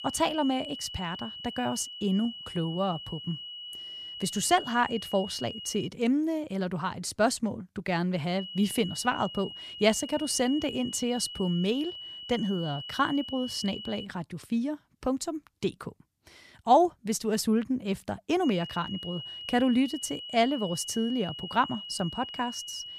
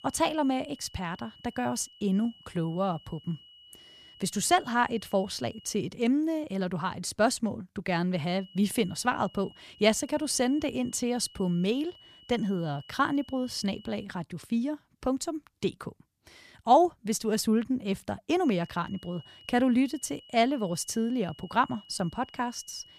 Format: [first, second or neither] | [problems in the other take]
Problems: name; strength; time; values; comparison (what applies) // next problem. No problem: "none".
second | high-pitched whine; loud; until 6 s, from 8.5 to 14 s and from 18 s on; 3 kHz, 10 dB below the speech; faint in the second